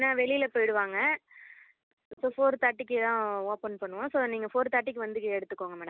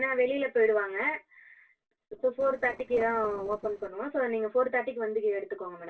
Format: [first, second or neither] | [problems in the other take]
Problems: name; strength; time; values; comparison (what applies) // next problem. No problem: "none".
first | noise reduction (neural separator model SepFormer DNS4)